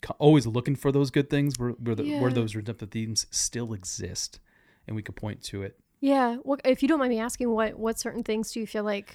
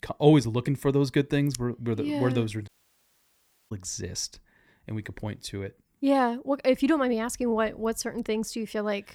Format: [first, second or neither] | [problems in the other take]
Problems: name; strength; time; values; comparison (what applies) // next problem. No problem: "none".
first | audio cutting out; at 2.5 s for 1 s